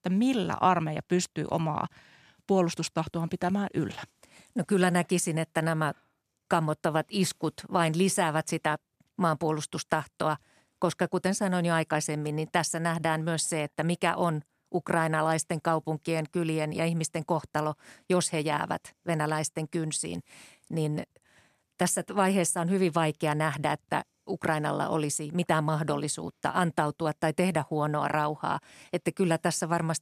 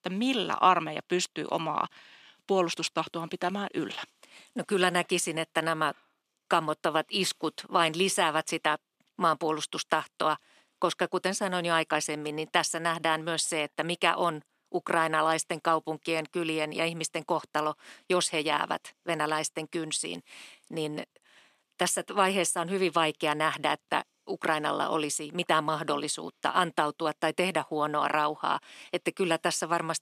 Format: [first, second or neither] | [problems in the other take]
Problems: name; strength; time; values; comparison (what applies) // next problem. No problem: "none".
first | thin; somewhat; fading below 300 Hz